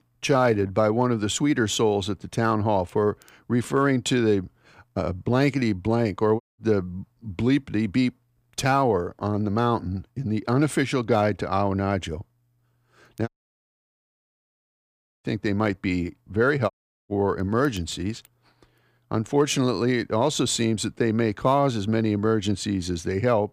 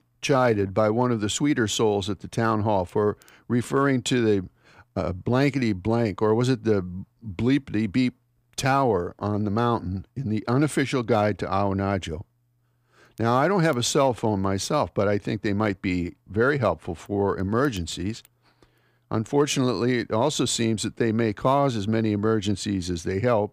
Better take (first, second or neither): second